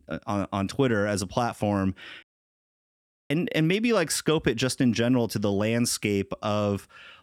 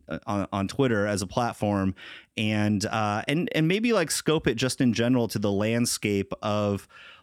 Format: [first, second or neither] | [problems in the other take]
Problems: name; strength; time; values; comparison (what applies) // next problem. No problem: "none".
second | audio cutting out; at 2 s for 1 s